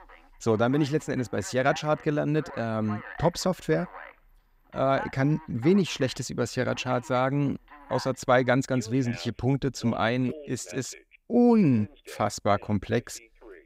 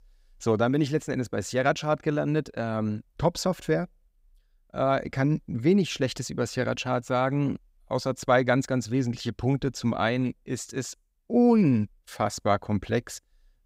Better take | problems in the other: second | alarms or sirens; noticeable; throughout; 20 dB below the speech

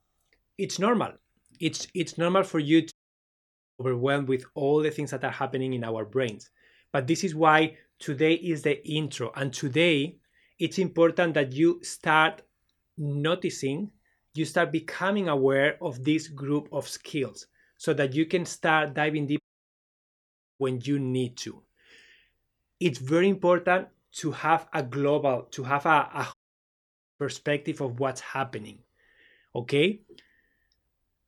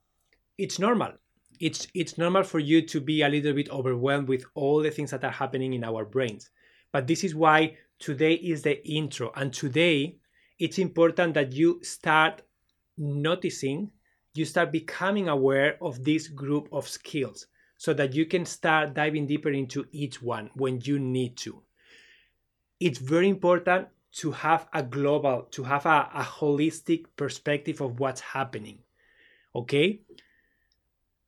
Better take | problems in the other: second | audio cutting out; at 3 s for 1 s, at 19 s for 1 s and at 26 s for 1 s

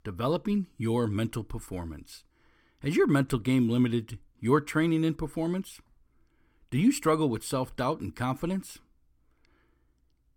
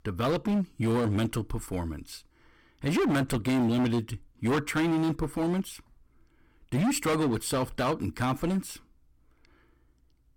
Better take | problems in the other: first | distortion; heavy; 14% of the sound clipped

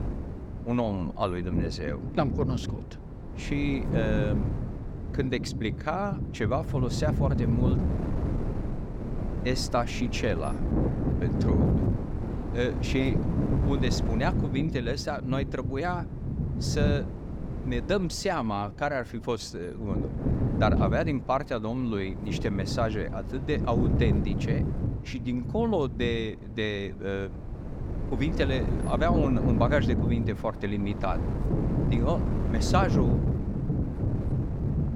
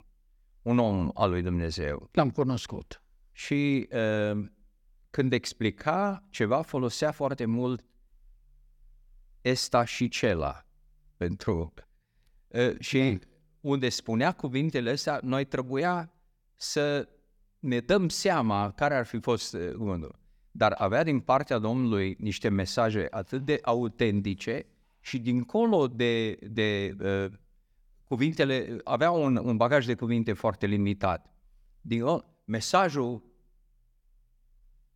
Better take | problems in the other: second | wind noise on the microphone; heavy; 6 dB below the speech

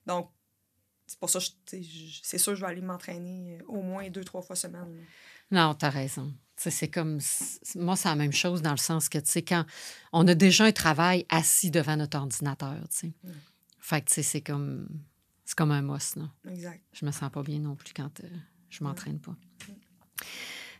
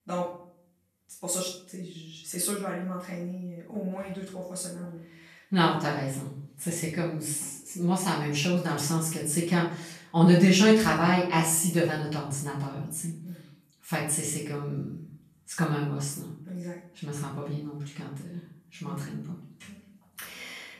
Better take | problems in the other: first | off-mic speech; far // room echo; noticeable; dies away in 0.5 s

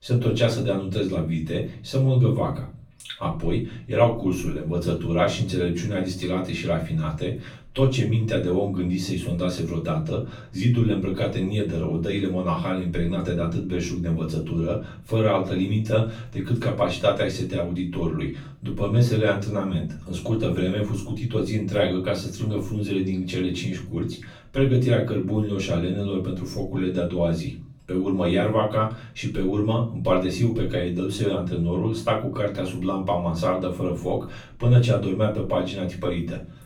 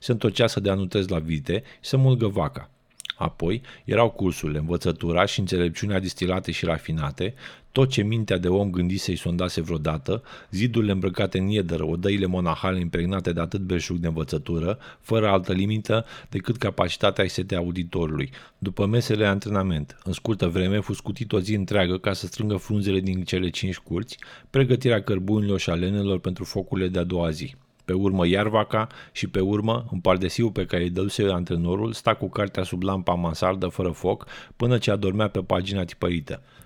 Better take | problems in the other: second | room echo; slight; dies away in 0.4 s // off-mic speech; far

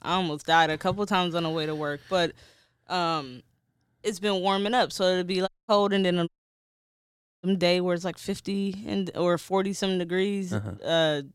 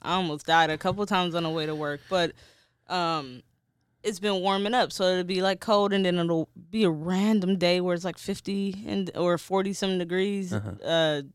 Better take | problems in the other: second | audio cutting out; at 5.5 s and at 6.5 s for 1 s

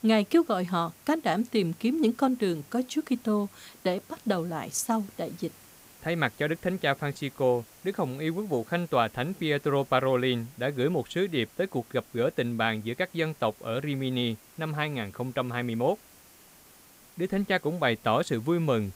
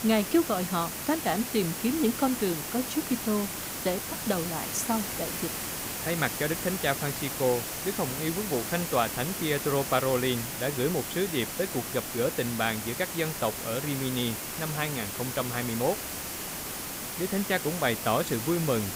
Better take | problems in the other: first | hiss; loud; throughout; 3 dB below the speech; faint in the first

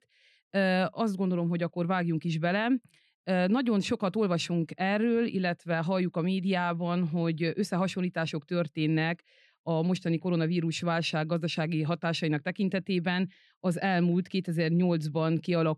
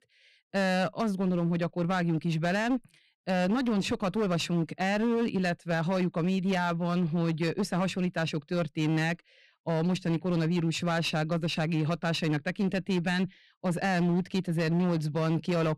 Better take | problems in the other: first | distortion; slight; 22% of the sound clipped

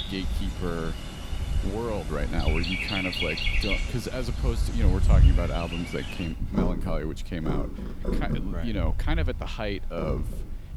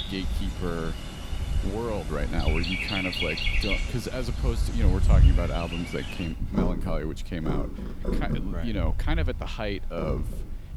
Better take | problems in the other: neither | animal sounds; very loud; throughout; 4 dB above the speech; the same in both

